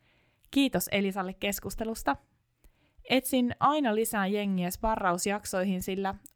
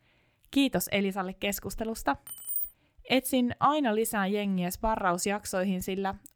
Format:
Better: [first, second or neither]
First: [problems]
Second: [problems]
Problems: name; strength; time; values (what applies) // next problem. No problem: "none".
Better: first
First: none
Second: jangling keys; noticeable; at 2.5 s; peak 2 dB below the speech